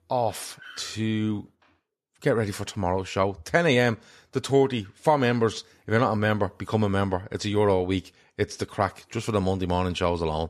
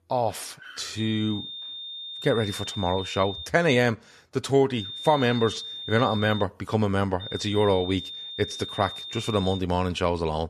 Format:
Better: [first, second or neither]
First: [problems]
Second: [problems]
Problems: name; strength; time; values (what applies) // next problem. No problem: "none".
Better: first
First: none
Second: high-pitched whine; loud; from 1 to 3.5 s, from 5 to 6.5 s and from 7 to 9.5 s; 3.5 kHz, 9 dB below the speech